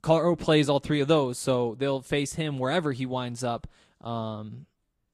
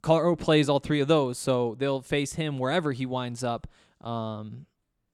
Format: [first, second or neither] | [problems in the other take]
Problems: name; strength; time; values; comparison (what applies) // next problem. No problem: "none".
second | garbled, watery; slightly